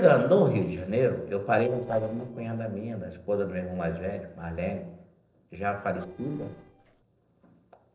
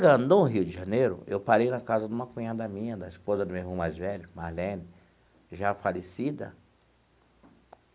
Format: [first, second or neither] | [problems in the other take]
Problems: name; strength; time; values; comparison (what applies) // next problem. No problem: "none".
second | noise reduction (neural separator model SepFormer DNS4)